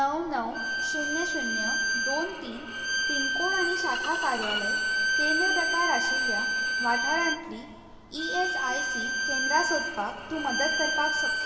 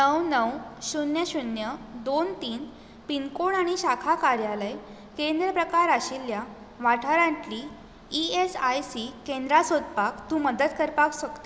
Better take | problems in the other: second | background sound (Bowed string instrument); 3 dB above the speech // room echo; dies away in 2.7 s

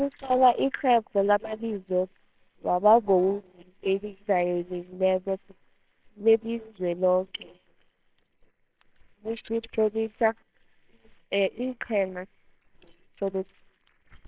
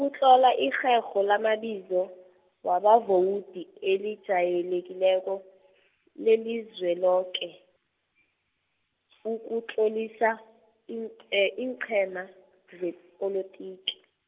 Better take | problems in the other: second | noise reduction (neural separator model SepFormer WHAMR!)

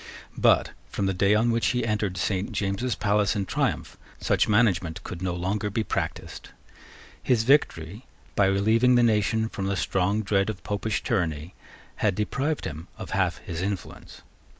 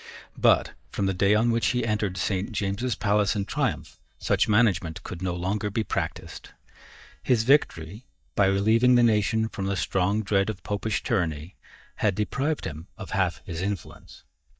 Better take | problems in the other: first | noise reduction (neural mask model DeepFilterNet 3)

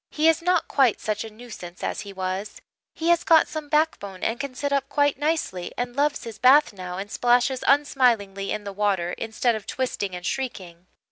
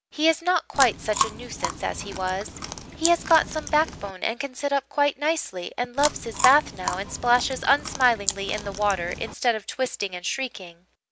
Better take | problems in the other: first | background sound (Chewing, mastication); 7 dB below the speech

